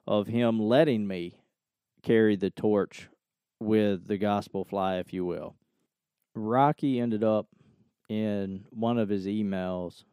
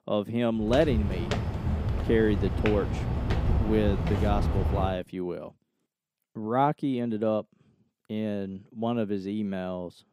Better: first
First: none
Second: footsteps; loud; from 0.5 to 5 s; peak 2 dB above the speech

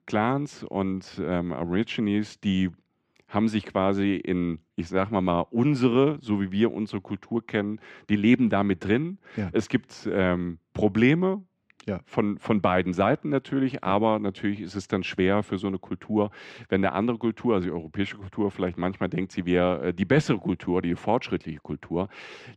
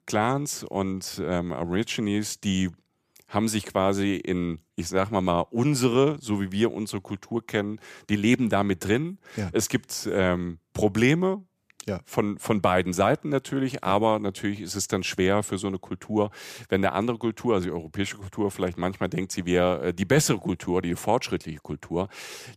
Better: second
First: muffled; slightly; fading above 3 kHz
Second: none

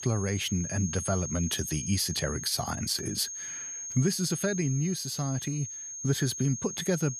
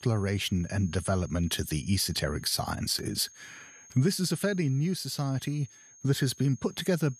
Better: second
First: high-pitched whine; loud; throughout; 6.5 kHz, 6 dB below the speech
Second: high-pitched whine; faint; throughout; 6.5 kHz, 20 dB below the speech

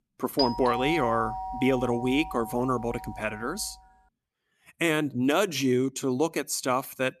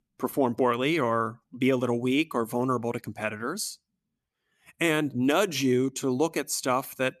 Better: second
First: doorbell; noticeable; until 3.5 s; peak 3 dB below the speech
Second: none

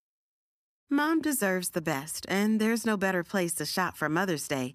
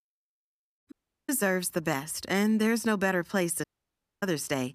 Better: first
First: none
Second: audio cutting out; at 1 s and at 3.5 s for 0.5 s

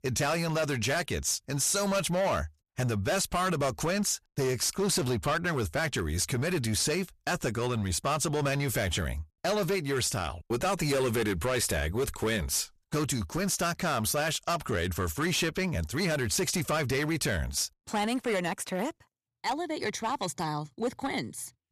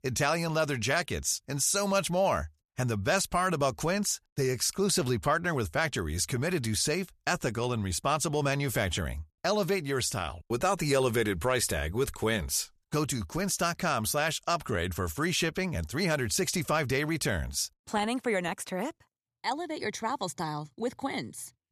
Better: second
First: distortion; slight; 12% of the sound clipped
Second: none

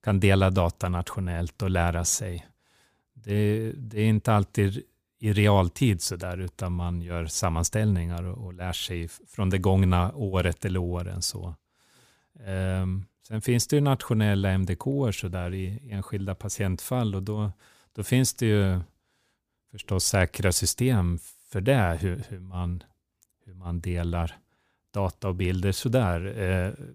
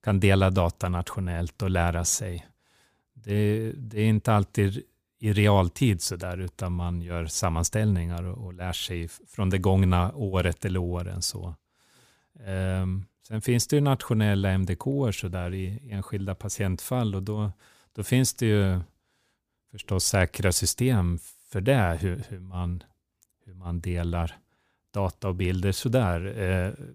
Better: neither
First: none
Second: none

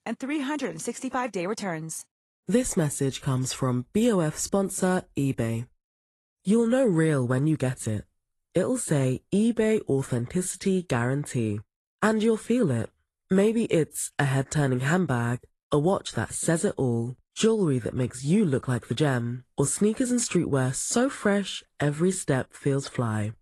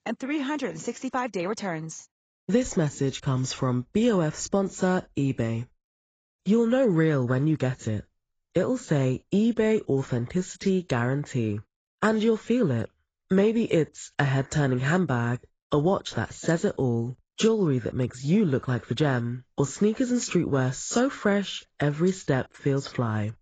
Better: first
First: garbled, watery; slightly; nothing above 11 kHz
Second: garbled, watery; badly; nothing above 7.5 kHz

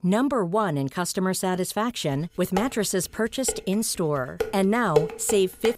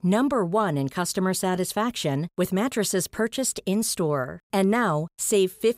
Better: second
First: clattering dishes; noticeable; from 2.5 s on; peak 1 dB below the speech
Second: none

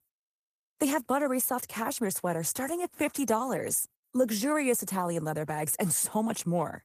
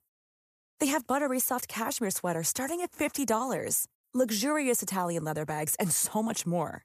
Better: second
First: garbled, watery; slightly; nothing above 14.5 kHz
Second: none

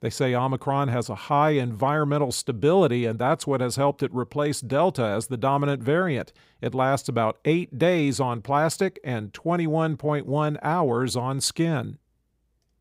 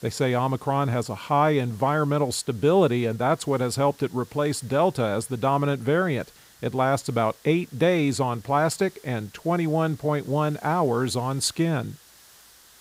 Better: first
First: none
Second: hiss; faint; throughout; 25 dB below the speech

